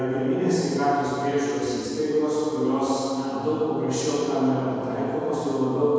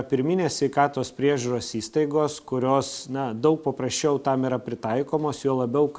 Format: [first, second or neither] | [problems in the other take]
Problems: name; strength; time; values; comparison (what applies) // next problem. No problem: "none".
second | room echo; dies away in 2.1 s